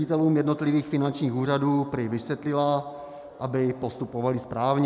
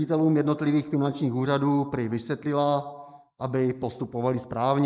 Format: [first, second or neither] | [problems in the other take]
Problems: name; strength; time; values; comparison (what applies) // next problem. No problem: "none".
first | noise reduction (neural mask model Resemble Enhance denoiser)